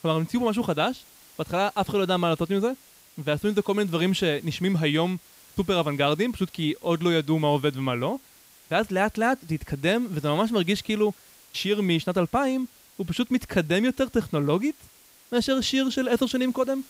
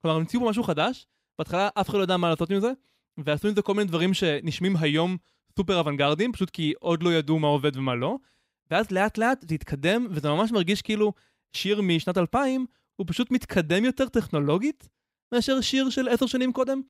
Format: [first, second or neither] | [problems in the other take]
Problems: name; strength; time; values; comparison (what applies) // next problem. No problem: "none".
second | hiss; faint; throughout; 25 dB below the speech